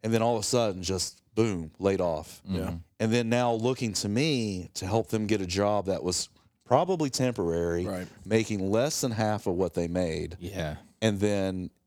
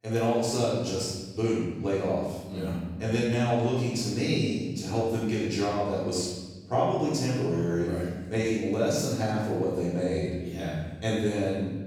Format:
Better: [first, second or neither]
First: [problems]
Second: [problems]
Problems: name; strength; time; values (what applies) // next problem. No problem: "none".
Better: first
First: none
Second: off-mic speech; far // room echo; strong; dies away in 1.3 s